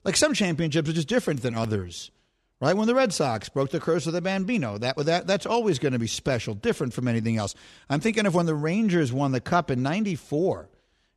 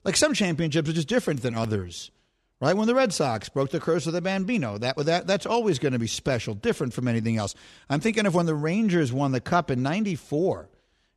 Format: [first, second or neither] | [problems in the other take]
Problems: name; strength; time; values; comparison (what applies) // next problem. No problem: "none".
neither | none